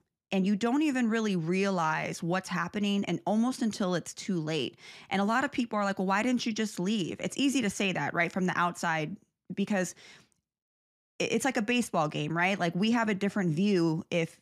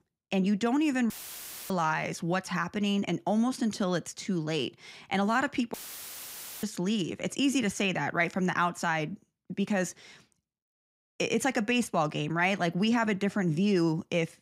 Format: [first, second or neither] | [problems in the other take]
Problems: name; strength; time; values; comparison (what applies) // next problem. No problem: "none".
first | audio cutting out; filled with static; at 1 s for 0.5 s and at 5.5 s for 1 s